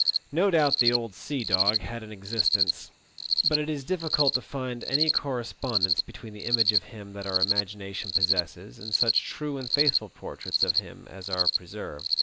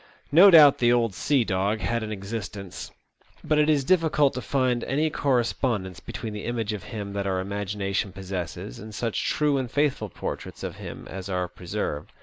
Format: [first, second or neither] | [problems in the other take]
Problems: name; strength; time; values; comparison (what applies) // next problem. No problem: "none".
second | background sound (Cricket); 3 dB above the speech